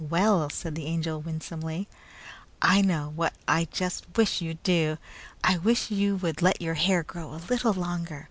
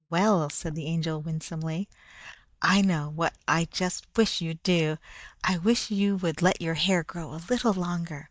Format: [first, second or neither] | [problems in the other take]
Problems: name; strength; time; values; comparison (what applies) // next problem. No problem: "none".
first | noise reduction (neural mask model DeepFilterNet 3)